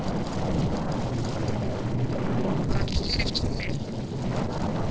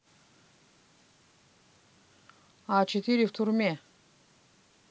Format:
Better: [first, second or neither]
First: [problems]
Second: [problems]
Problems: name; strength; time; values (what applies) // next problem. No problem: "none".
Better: second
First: noise reduction (neural separator model SepFormer DNS4)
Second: none